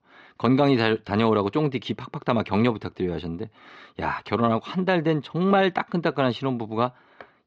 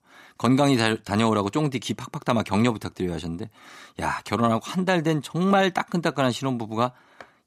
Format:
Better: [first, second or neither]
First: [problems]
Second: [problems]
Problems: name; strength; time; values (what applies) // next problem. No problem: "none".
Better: second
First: muffled; very slightly; fading above 4 kHz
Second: none